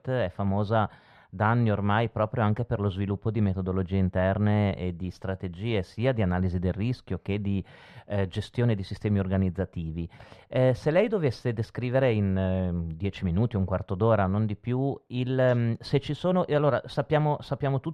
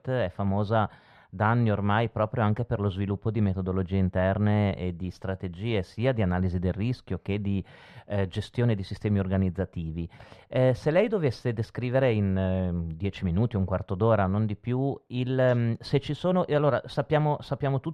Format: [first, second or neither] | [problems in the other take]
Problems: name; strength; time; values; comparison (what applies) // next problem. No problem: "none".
neither | muffled; very; fading above 3.5 kHz; the same in both